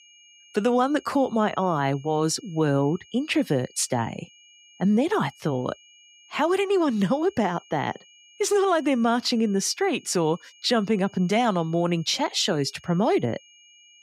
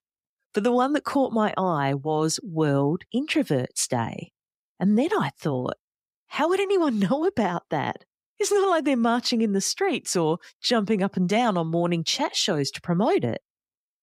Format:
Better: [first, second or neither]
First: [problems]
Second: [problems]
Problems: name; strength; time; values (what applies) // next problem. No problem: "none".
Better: second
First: high-pitched whine; faint; throughout; 3 kHz, 25 dB below the speech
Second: none